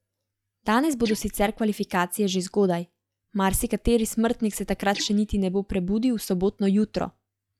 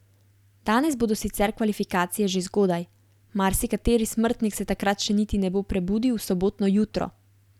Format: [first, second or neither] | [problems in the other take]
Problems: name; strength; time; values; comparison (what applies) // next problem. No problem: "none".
second | noise reduction (classical method log-MMSE)